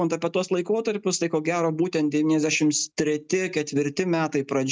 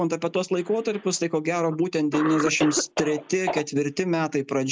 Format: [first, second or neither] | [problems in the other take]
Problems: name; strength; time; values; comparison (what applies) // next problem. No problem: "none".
first | background sound (Cough); 10 dB below the speech